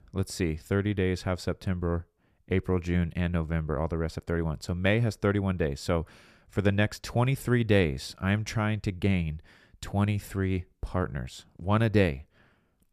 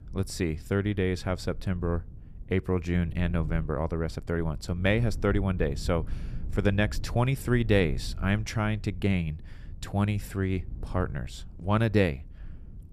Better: first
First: none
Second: low rumble; faint; throughout; 25 dB below the speech

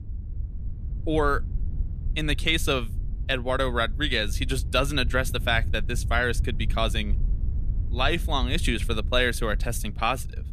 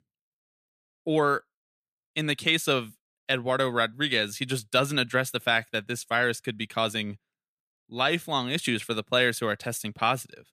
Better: second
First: wind noise on the microphone; occasional gusts; 20 dB below the speech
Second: none

